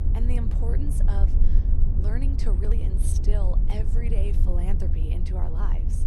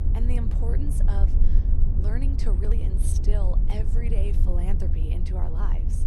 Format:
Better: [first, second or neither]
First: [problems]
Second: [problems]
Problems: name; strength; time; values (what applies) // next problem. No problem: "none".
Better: neither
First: low rumble; loud; throughout; 3 dB below the speech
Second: low rumble; loud; throughout; 3 dB below the speech